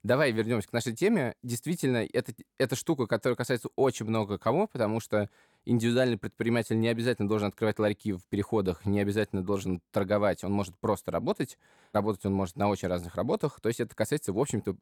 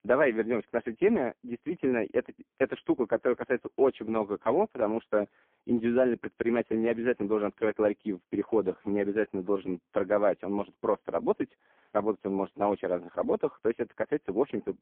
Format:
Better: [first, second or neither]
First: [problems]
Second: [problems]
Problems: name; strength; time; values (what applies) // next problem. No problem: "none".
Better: first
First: none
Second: phone-call audio; poor line